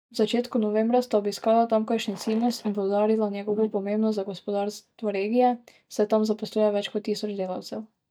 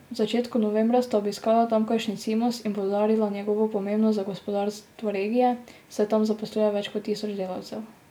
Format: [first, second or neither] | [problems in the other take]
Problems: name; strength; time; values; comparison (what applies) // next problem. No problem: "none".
second | noise reduction (neural mask model DeepFilterNet 3)